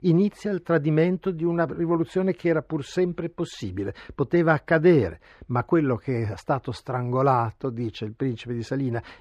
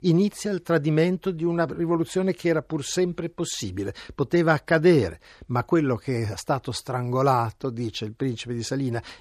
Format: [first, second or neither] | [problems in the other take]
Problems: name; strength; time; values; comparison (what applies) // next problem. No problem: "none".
second | muffled; slightly; fading above 4 kHz